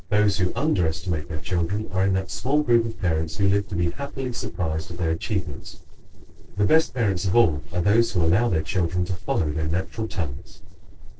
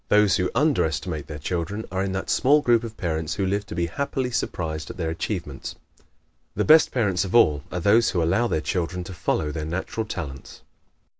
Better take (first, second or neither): second